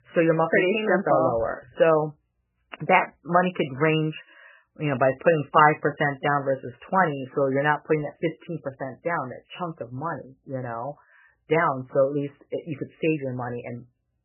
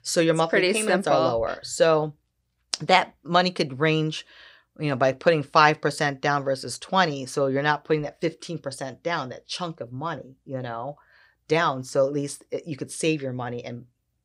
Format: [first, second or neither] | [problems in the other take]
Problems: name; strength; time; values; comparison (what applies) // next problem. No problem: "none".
second | garbled, watery; badly; nothing above 3 kHz